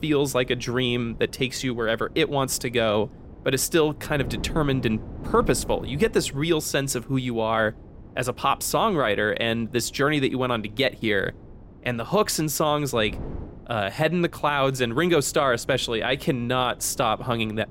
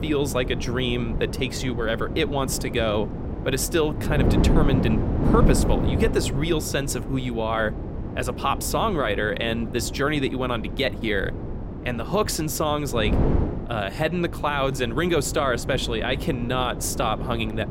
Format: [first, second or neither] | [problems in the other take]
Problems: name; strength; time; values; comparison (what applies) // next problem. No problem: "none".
first | wind noise on the microphone; heavy; 9 dB below the speech; occasional gusts in the first